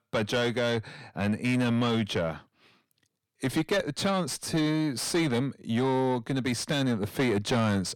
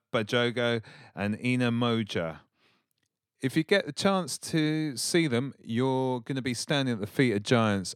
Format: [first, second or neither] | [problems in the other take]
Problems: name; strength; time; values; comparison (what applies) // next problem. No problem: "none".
second | distortion; heavy; 7 dB below the speech